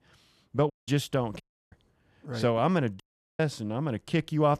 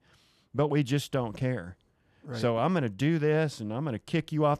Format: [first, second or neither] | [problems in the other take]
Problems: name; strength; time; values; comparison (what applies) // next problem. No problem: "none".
second | audio cutting out; at 0.5 s, at 1.5 s and at 3 s